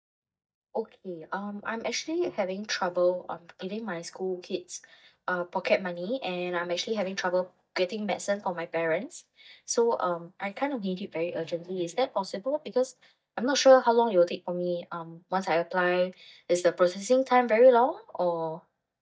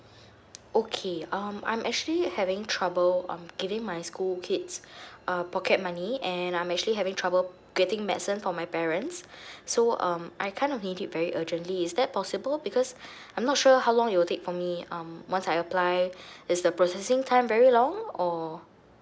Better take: second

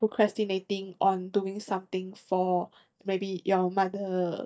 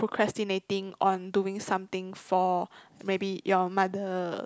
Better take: second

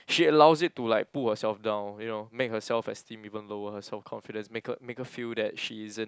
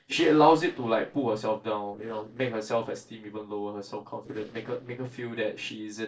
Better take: first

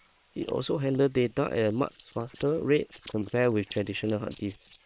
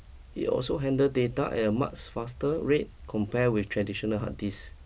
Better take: second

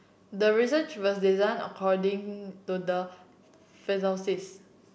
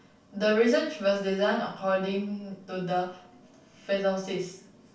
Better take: first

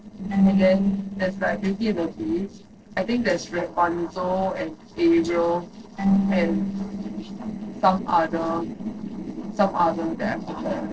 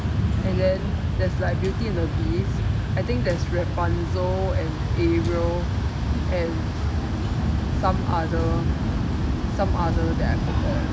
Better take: second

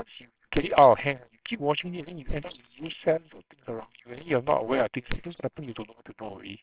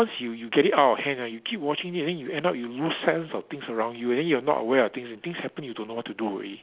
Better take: second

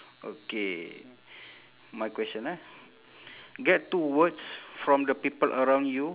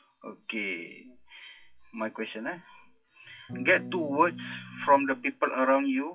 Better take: first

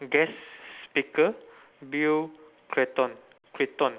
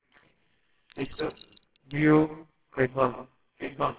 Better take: first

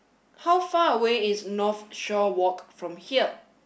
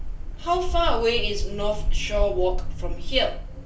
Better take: first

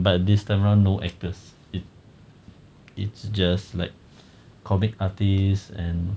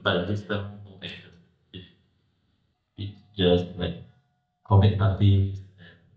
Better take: first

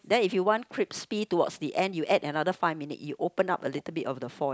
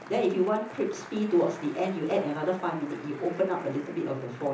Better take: first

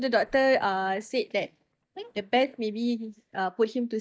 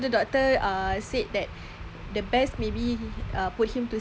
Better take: second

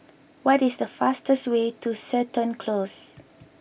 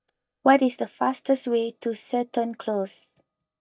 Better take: first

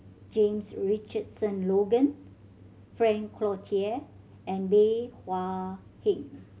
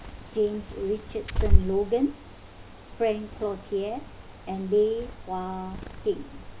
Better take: first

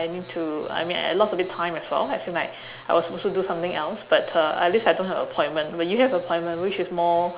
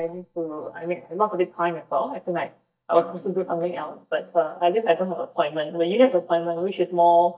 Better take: first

